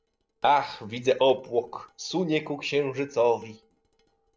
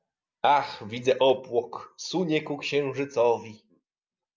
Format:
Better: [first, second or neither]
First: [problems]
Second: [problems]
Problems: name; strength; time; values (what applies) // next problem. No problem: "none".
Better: second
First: noise reduction (neural separator model SepFormer DNS4)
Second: none